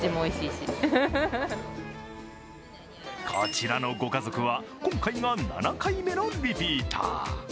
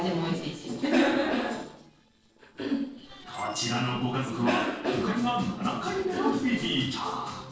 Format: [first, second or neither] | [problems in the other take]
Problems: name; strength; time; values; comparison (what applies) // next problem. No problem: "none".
first | noise reduction (neural separator model SepFormer DNS4)